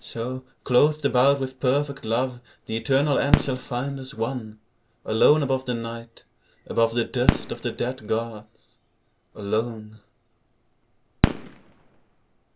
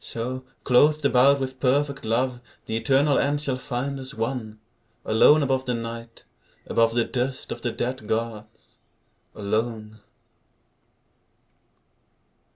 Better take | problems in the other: second | background sound (Fireworks); 6 dB below the speech

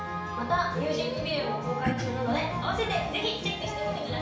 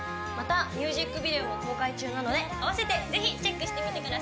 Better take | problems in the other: second | background sound (Cough); 2 dB below the speech // room echo; dies away in 0.6 s

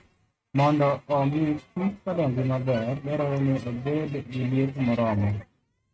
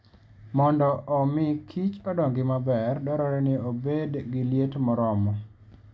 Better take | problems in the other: second | noise reduction (neural mask model RNNoise)

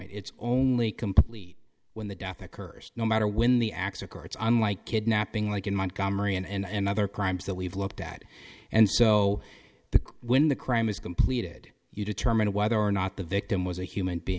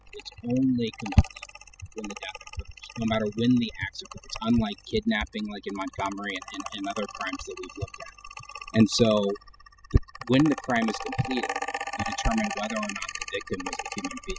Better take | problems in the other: first | noise reduction (classical method spectral subtraction)

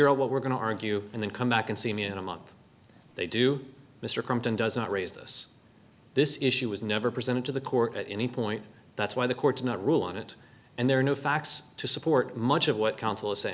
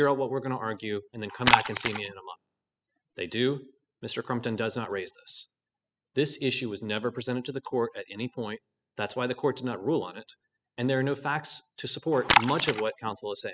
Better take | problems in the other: first | noise reduction (classical method spectral subtraction)

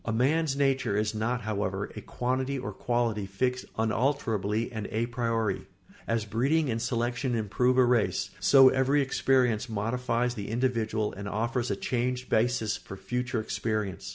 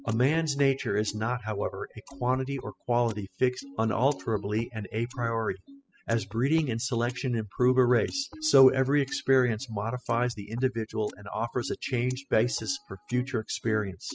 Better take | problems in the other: first | noise reduction (classical method spectral subtraction)

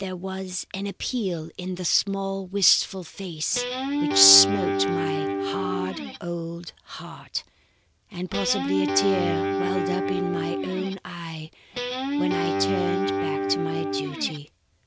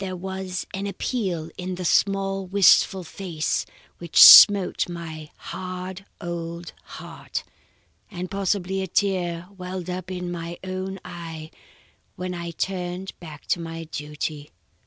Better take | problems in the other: second | background sound (Guitar); 1 dB above the speech

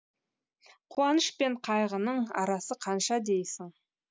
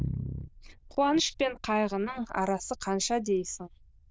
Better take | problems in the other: first | noise reduction (neural diffusion model UNIVERSE++)

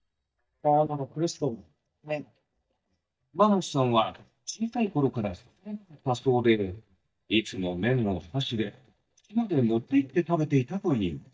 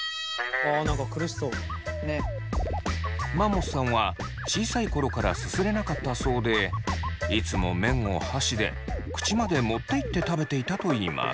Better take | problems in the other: second | noise reduction (neural mask model DeepFilterNet 3)

